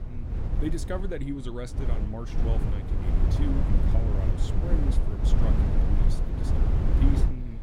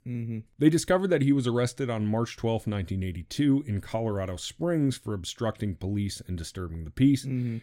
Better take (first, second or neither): second